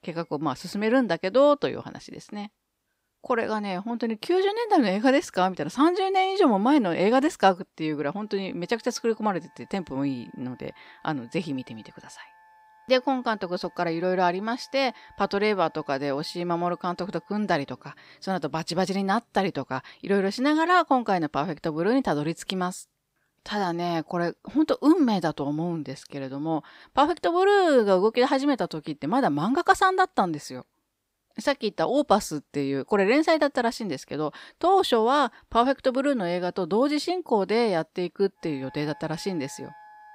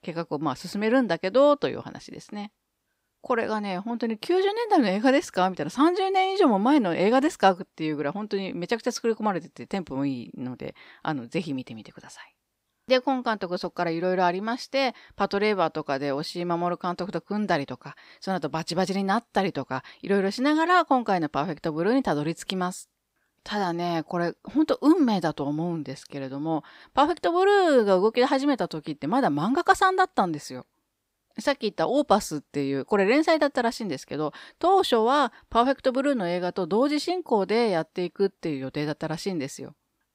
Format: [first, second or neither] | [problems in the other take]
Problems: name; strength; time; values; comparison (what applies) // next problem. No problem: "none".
second | background music; faint; throughout; 30 dB below the speech